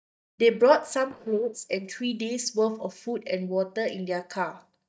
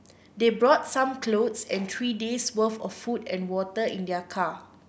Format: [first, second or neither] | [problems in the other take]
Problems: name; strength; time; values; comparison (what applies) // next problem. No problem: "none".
second | noise reduction (neural mask model DeepFilterNet 3)